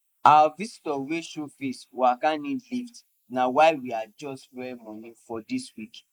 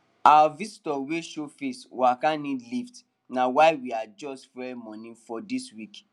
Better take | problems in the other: second | noise reduction (neural mask model Resemble Enhance denoiser)

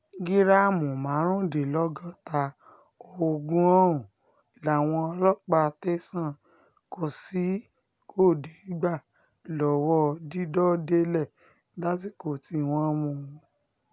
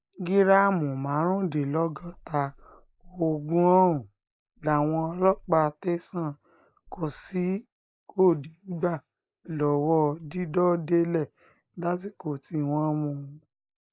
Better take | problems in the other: first | noise reduction (neural mask model Resemble Enhance denoiser)

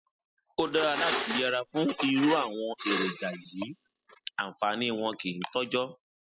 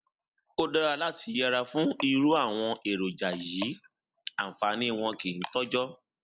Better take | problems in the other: second | noise reduction (classical method spectral subtraction)

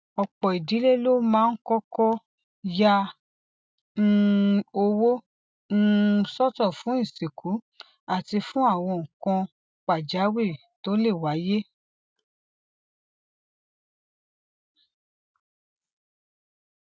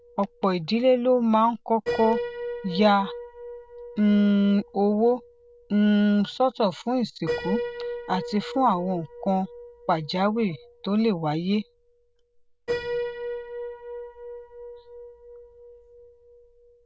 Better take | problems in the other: first | background sound (Piano); 11 dB below the speech

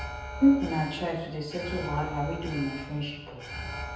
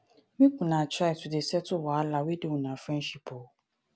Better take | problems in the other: second | background sound (Alarm); 9 dB below the speech // room echo; dies away in 0.9 s

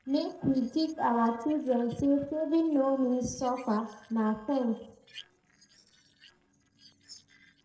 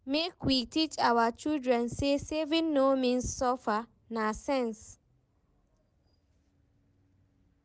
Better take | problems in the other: second | noise reduction (neural separator model SepFormer DNS4)

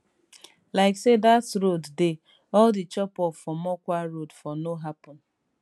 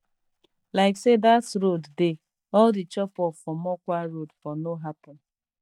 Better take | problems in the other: first | noise reduction (neural mask model DeepFilterNet 3)

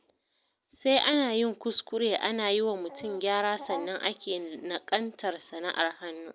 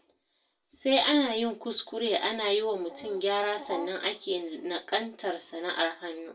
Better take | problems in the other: first | room echo; dies away in 0.2 s

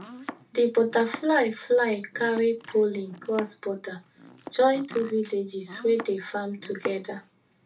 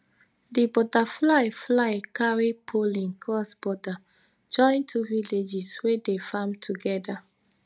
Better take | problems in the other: second | background sound (Domestic sounds, home sounds); 17 dB below the speech // room echo; dies away in 0.2 s

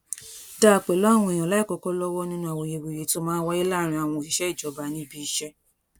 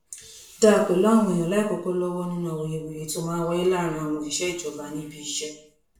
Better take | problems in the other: first | room echo; dies away in 0.5 s

